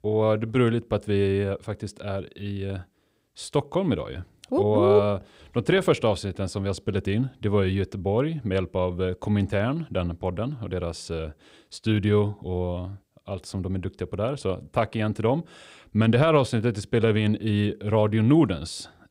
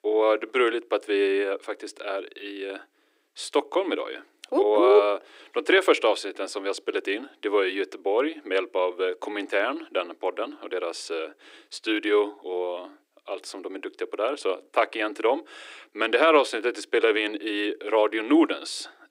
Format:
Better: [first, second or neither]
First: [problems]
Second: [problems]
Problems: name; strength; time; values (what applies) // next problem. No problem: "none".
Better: first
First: none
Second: thin; somewhat; fading below 300 Hz